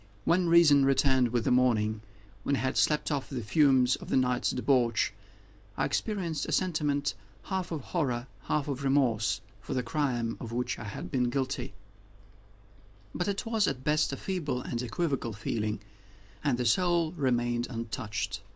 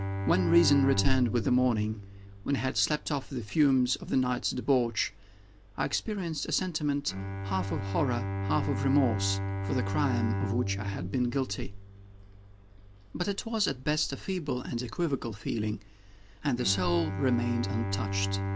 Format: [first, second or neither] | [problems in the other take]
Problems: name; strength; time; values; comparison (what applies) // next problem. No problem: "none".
first | background sound (Bowed string instrument); 6 dB below the speech